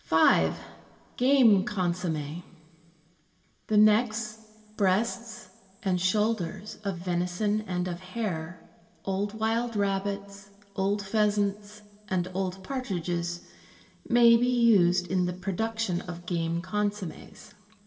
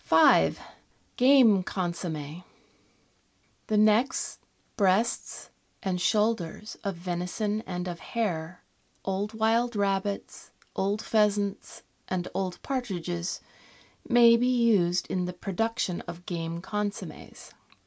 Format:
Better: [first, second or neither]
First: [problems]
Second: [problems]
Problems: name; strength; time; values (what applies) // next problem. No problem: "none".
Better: second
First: room echo; dies away in 1.6 s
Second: none